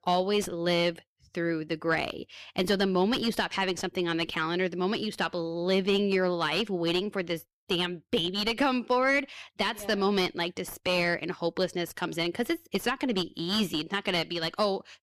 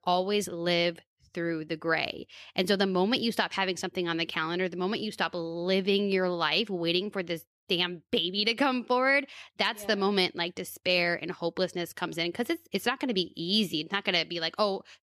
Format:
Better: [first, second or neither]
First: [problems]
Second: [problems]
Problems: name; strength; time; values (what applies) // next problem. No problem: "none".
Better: second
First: distortion; slight; 10 dB below the speech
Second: none